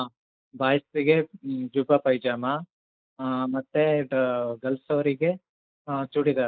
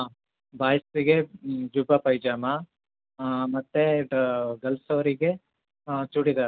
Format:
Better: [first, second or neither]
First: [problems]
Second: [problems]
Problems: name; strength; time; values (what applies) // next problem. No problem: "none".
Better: second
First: noise reduction (neural mask model Resemble Enhance denoiser)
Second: none